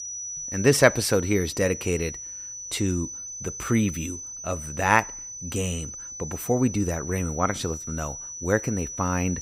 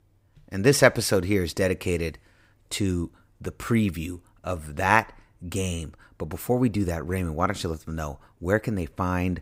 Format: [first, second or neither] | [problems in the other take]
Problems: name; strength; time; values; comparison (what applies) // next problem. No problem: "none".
second | high-pitched whine; loud; throughout; 6 kHz, 9 dB below the speech